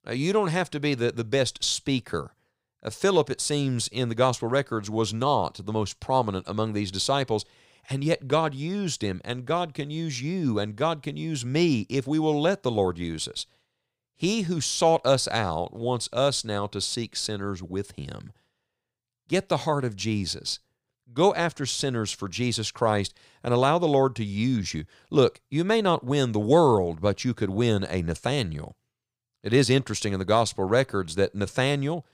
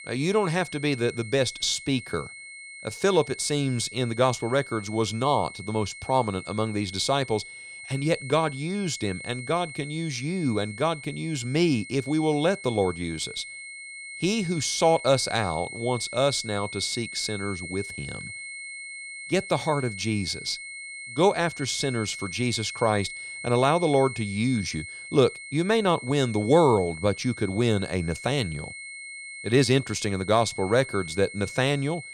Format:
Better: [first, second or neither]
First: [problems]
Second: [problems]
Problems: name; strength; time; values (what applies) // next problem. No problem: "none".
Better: first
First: none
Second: high-pitched whine; noticeable; throughout; 2 kHz, 10 dB below the speech